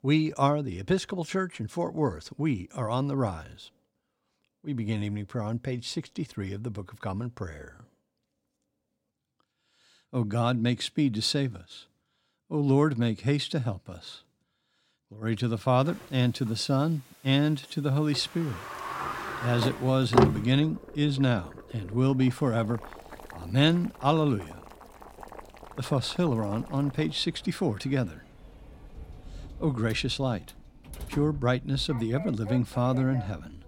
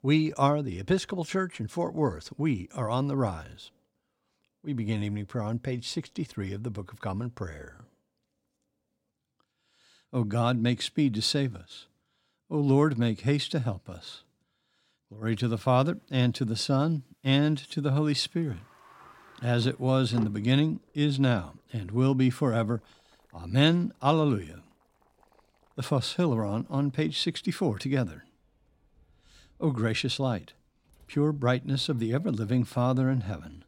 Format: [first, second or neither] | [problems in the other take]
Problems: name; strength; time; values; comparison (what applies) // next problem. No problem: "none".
second | household noises; loud; from 16 s on; 8 dB below the speech; faint in the second